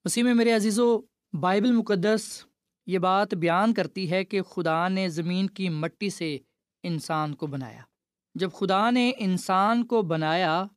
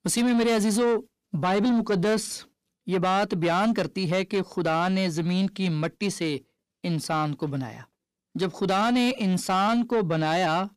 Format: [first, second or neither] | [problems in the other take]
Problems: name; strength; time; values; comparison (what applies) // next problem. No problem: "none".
first | distortion; slight; 10 dB below the speech